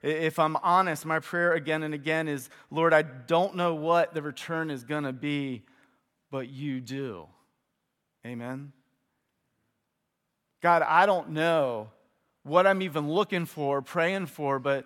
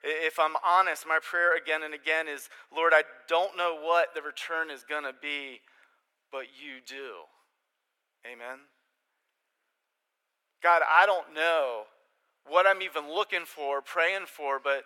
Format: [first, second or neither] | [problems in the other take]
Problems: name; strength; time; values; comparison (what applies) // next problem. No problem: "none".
first | thin; very; fading below 450 Hz